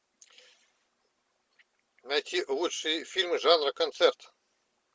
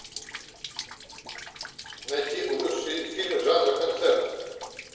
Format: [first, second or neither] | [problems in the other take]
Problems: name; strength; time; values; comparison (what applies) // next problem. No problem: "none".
first | background sound (Rain); 13 dB below the speech // room echo; dies away in 1.2 s